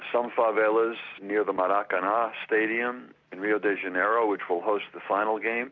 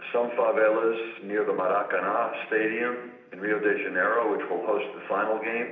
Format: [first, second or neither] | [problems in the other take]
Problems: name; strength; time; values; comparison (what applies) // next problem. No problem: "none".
first | room echo; dies away in 0.8 s